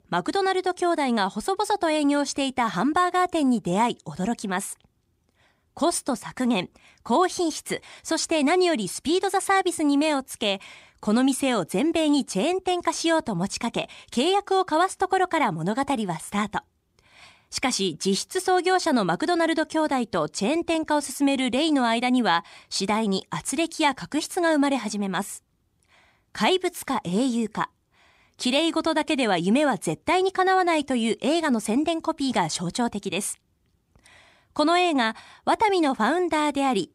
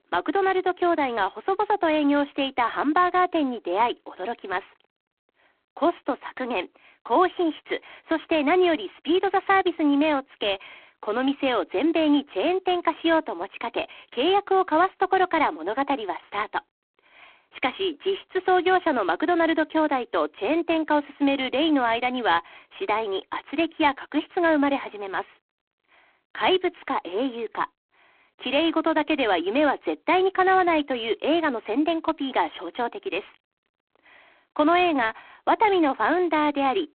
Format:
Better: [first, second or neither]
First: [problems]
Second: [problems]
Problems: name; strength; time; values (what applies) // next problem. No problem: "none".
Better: first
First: none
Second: phone-call audio; poor line